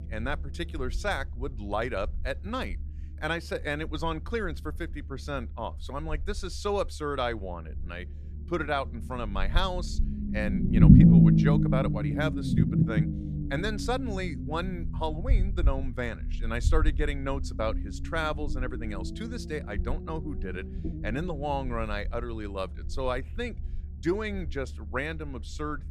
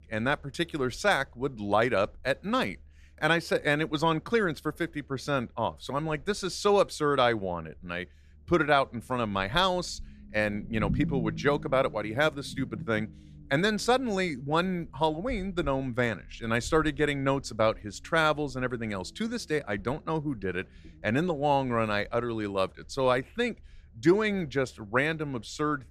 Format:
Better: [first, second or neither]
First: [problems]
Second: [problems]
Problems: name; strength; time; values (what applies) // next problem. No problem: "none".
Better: second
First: low rumble; loud; throughout; 1 dB below the speech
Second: low rumble; faint; throughout; 25 dB below the speech